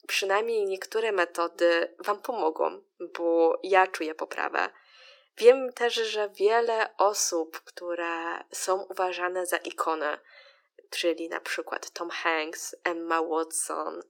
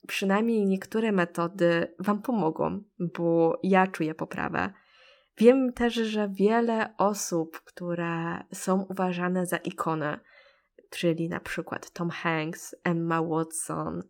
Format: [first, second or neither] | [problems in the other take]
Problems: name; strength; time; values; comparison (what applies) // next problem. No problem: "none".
second | thin; very; fading below 350 Hz